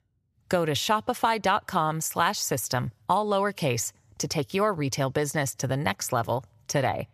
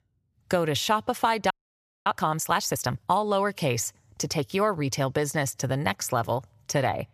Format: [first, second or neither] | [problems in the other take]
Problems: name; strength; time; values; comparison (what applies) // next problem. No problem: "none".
first | audio freezing; at 1.5 s for 0.5 s